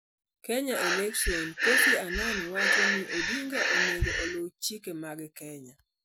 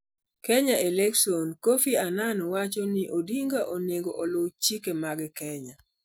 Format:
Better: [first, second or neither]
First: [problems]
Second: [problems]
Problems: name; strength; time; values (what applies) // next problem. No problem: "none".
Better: second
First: background sound (Breathing); 4 dB above the speech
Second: none